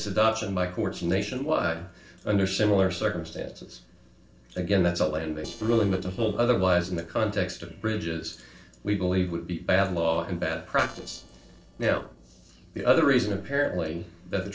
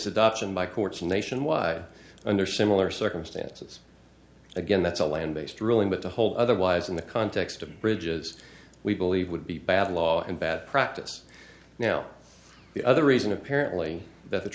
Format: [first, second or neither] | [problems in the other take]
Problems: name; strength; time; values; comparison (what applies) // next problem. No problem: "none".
second | noise reduction (neural separator model SepFormer DNS4)